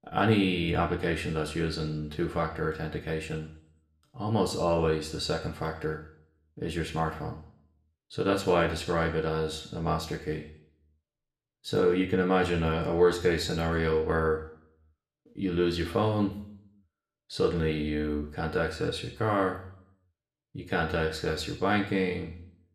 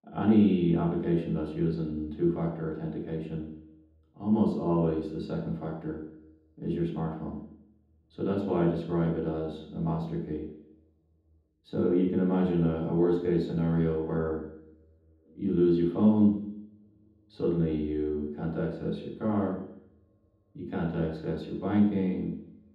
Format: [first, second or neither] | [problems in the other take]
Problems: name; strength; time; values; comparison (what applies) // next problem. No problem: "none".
first | room echo; strong; dies away in 0.9 s; slight in the first // off-mic speech; far; somewhat distant in the first